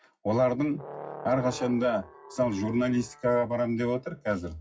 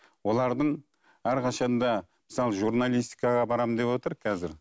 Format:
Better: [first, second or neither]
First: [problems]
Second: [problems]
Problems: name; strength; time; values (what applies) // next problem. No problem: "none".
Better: second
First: noise reduction (classical method WPE with log-MMSE)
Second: none